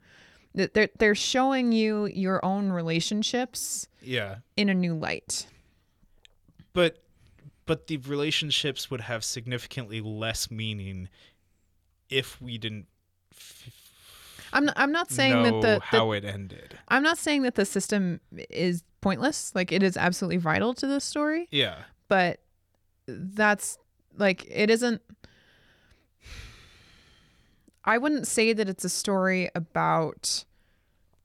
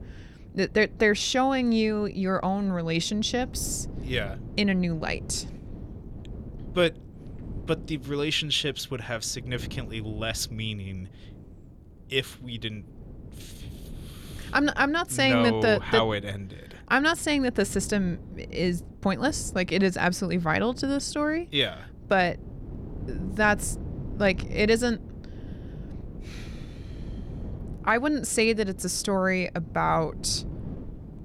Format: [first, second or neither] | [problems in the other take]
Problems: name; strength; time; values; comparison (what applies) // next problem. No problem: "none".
first | wind noise on the microphone; occasional gusts; 25 dB below the speech